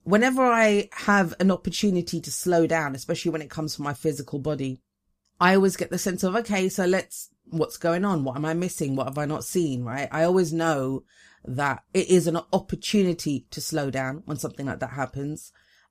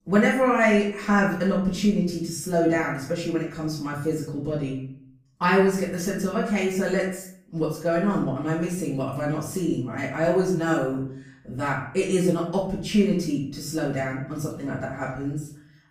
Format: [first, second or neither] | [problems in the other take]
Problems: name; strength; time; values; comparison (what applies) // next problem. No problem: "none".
first | off-mic speech; far // room echo; noticeable; dies away in 0.6 s